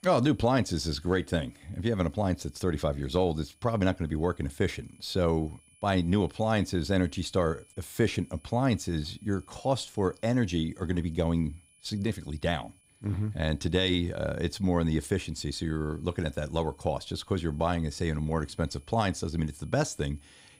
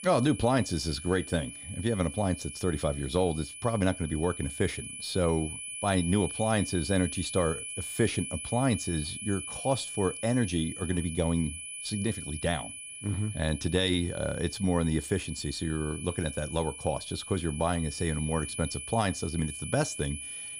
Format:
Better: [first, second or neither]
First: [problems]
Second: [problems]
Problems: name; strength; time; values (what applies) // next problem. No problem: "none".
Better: first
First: high-pitched whine; faint; throughout; 10 kHz, 30 dB below the speech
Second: high-pitched whine; loud; throughout; 10 kHz, 8 dB below the speech